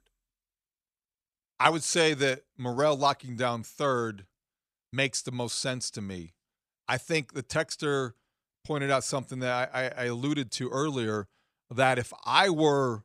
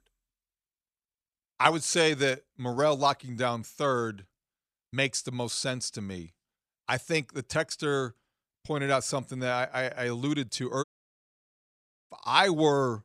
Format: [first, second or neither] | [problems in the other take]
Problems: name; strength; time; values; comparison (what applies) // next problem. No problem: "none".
first | audio cutting out; at 11 s for 1.5 s